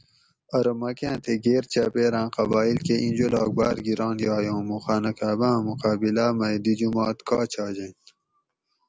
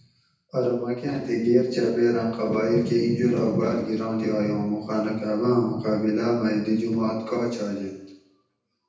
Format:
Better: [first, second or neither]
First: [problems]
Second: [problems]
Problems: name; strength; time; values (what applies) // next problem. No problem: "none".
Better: first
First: none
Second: room echo; dies away in 0.8 s